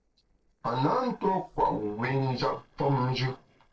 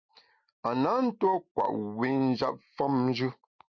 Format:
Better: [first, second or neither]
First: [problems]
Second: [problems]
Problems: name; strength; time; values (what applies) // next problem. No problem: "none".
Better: second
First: noise reduction (neural separator model SepFormer DNS4)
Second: none